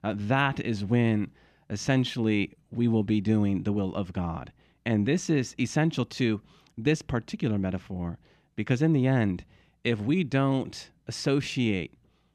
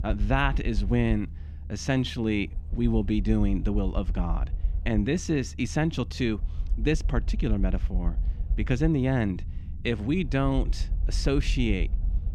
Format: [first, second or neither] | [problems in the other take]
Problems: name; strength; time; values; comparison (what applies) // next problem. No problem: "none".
first | low rumble; faint; throughout; 20 dB below the speech